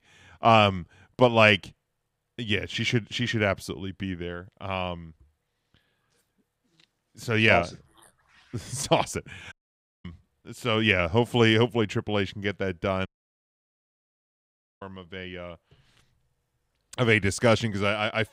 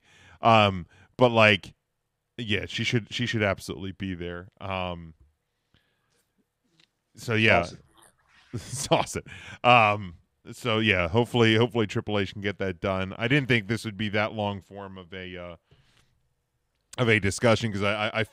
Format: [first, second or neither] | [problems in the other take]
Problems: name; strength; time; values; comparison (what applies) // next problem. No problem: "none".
second | audio cutting out; at 9.5 s for 0.5 s and at 13 s for 2 s